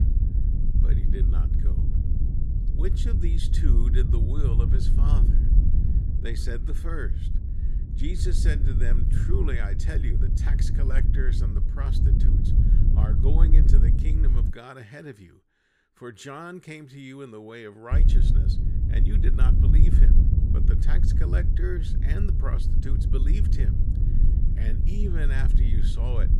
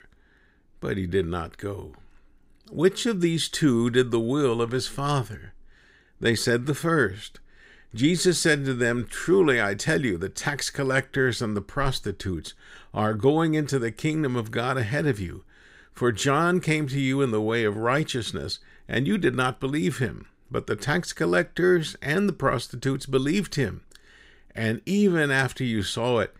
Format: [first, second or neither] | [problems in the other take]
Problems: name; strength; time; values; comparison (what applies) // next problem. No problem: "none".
second | wind noise on the microphone; heavy; until 15 s and from 18 s on; 2 dB below the speech